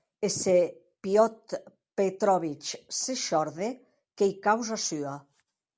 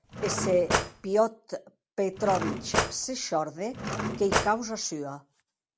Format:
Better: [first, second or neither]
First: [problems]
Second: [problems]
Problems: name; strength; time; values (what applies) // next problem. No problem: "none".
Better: first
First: none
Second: background sound (Cutlery, silverware / Drawer open or close); 1 dB below the speech